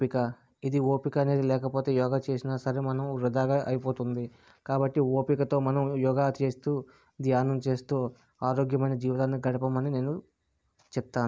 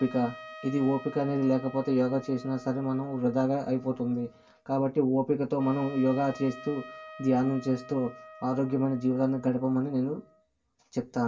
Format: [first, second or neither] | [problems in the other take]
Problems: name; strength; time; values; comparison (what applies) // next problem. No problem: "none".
first | background sound (Trumpet); 19 dB below the speech // room echo; dies away in 0.1 s